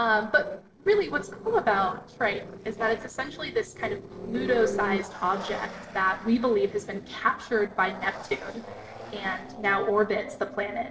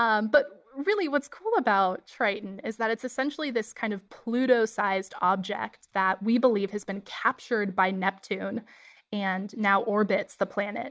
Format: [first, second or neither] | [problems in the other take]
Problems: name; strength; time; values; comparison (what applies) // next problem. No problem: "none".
second | noise reduction (neural separator model SepFormer DNS4)